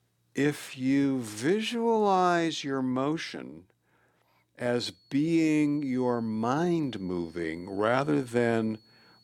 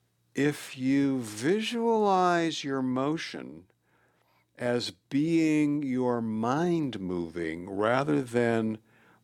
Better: second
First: high-pitched whine; faint; from 5 s on; 4.5 kHz, 30 dB below the speech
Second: none

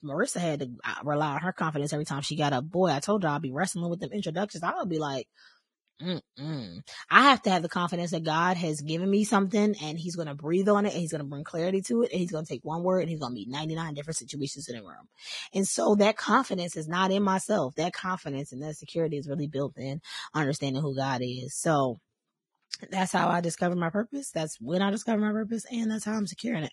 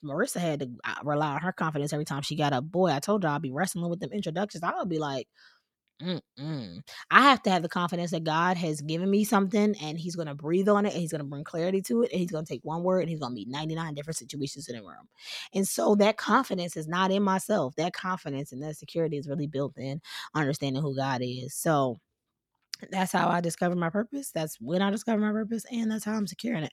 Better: second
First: garbled, watery; badly; nothing above 11 kHz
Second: none

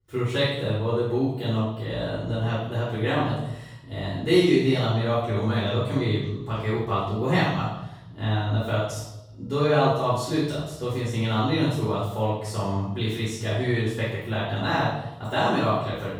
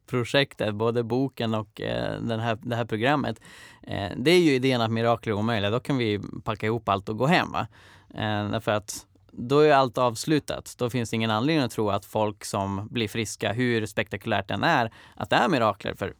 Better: second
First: off-mic speech; far // room echo; strong; dies away in 1 s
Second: none

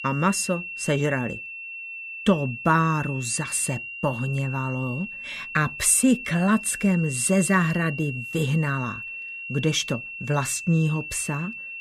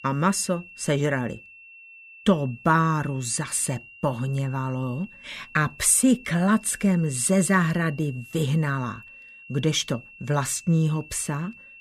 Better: second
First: high-pitched whine; loud; throughout; 2.5 kHz, 9 dB below the speech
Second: high-pitched whine; faint; throughout; 2.5 kHz, 20 dB below the speech

